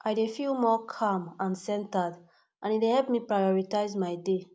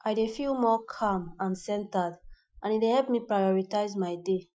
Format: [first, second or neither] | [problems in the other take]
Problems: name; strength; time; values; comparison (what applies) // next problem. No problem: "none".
first | noise reduction (classical method Wiener filter)